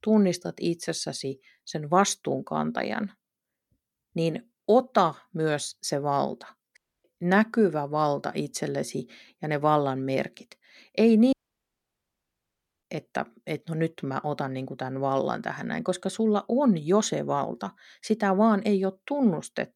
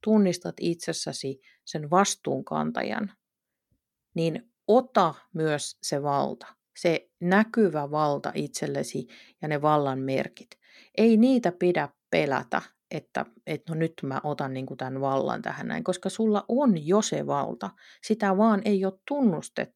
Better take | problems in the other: second | audio cutting out; at 7 s and at 11 s for 1.5 s

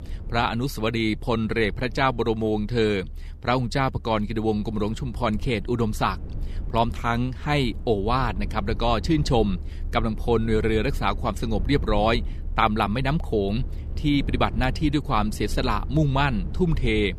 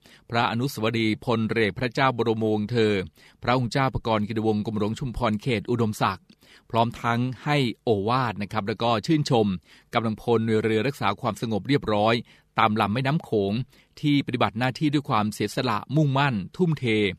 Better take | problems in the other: second | low rumble; faint; throughout; 25 dB below the speech

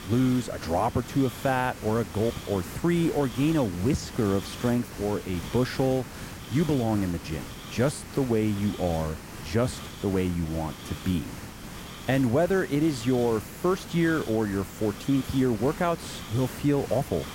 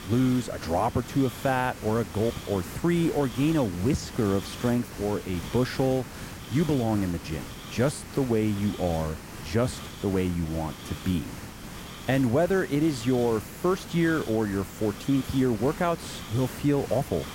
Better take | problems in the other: neither | hiss; noticeable; throughout; 10 dB below the speech; the same in both

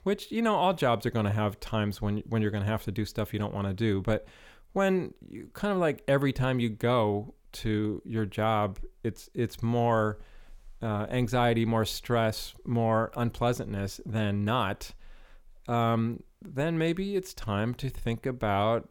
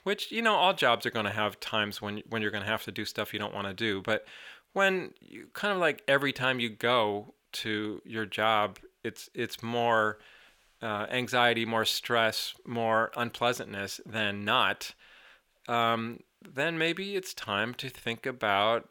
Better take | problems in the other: first | thin; somewhat; fading below 1 kHz

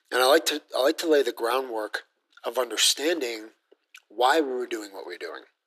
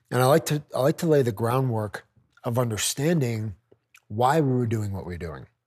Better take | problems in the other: second | thin; very; fading below 300 Hz

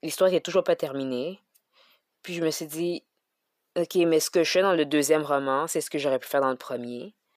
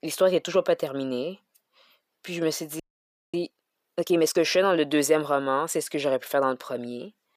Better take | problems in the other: first | audio freezing; at 3 s for 0.5 s

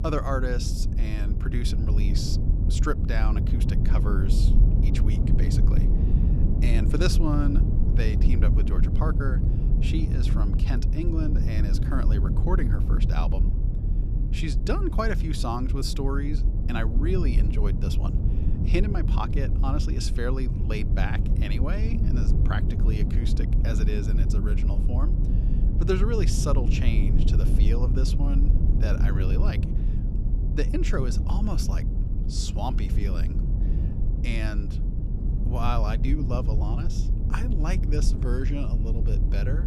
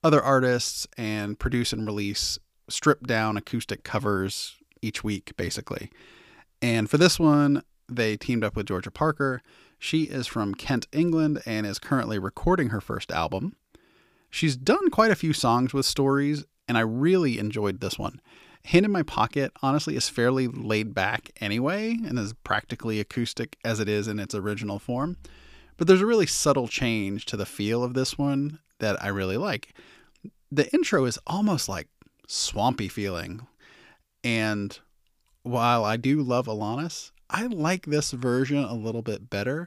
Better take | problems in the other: second | low rumble; loud; throughout; 5 dB below the speech

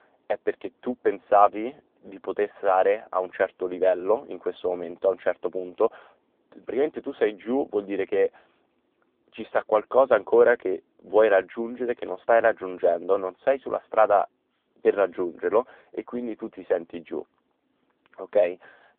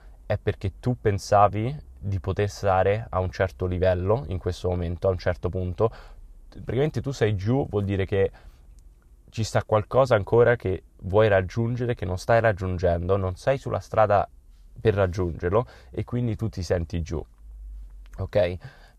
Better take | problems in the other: second | phone-call audio

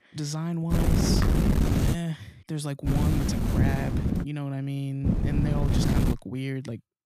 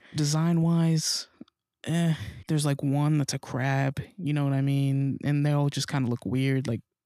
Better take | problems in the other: second | wind noise on the microphone; heavy; from 0.5 to 2 s, from 3 to 4 s and from 5 to 6 s; 3 dB above the speech

